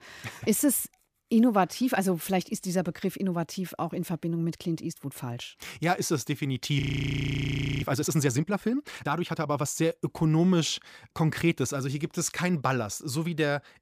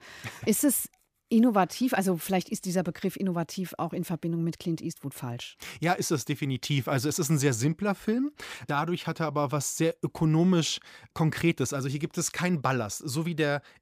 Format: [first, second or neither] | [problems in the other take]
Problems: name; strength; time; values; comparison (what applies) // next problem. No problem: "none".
second | audio freezing; at 7 s for 1 s